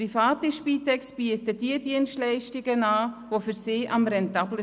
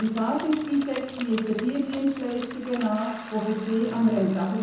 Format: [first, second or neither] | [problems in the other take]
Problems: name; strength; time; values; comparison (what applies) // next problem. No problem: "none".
first | background sound (Bicycle); 16 dB below the speech // room echo; dies away in 1 s